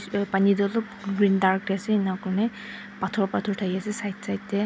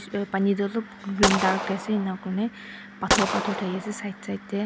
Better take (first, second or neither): first